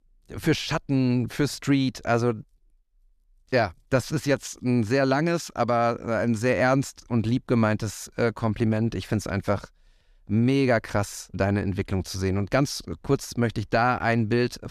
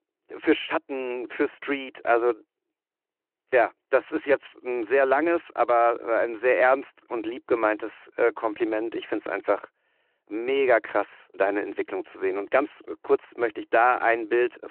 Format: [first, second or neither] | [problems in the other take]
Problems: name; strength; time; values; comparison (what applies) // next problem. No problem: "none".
first | phone-call audio